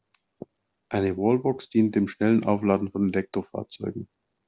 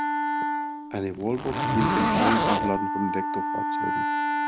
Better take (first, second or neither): first